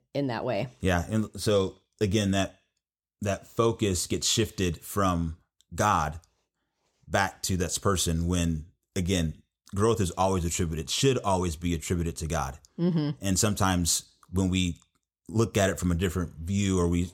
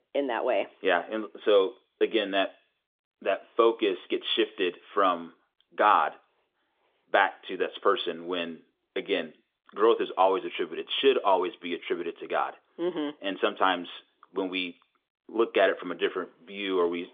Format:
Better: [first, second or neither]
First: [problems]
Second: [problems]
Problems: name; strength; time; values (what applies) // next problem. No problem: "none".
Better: first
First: none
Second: phone-call audio; nothing above 3.5 kHz